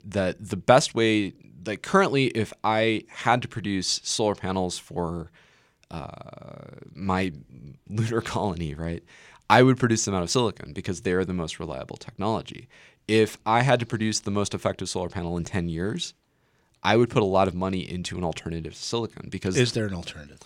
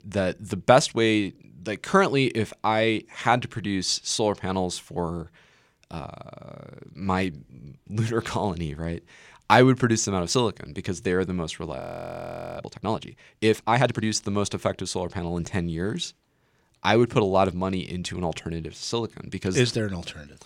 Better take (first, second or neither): first